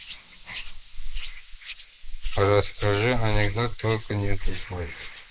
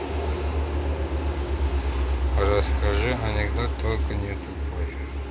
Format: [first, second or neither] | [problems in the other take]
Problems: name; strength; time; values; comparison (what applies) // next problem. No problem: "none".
second | noise reduction (neural mask model Resemble Enhance denoiser)